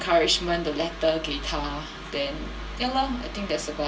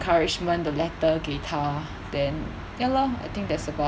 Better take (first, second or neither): second